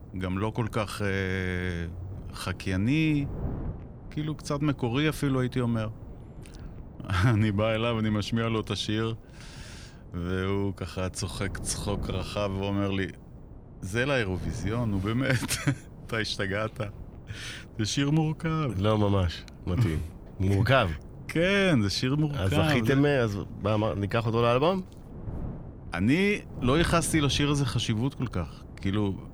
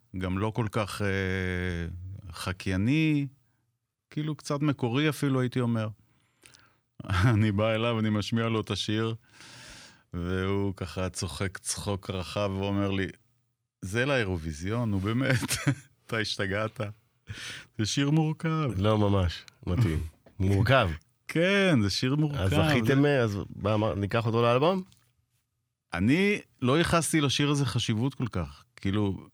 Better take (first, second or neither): second